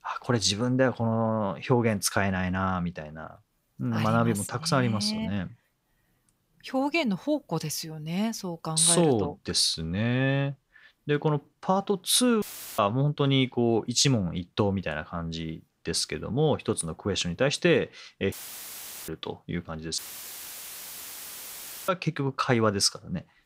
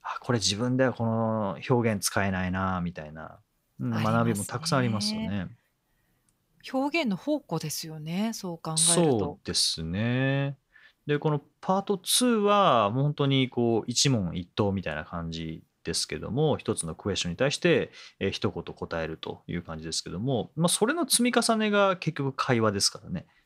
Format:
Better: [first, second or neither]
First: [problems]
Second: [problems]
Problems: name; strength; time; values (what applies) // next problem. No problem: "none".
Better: second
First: audio cutting out; filled with static; at 12 s, at 18 s for 1 s and at 20 s for 2 s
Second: none